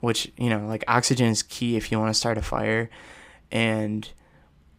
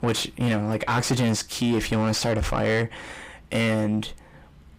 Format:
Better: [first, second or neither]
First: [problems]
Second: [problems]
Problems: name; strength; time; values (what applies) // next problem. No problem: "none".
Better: first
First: none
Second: distortion; heavy; 6 dB below the speech